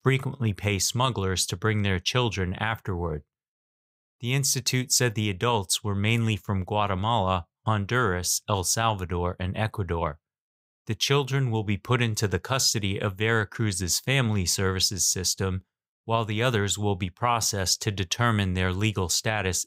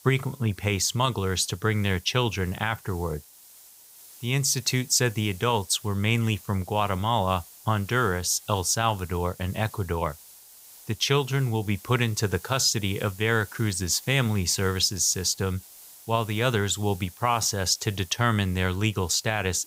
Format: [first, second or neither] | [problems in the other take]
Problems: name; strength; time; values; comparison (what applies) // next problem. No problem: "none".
first | hiss; faint; throughout; 20 dB below the speech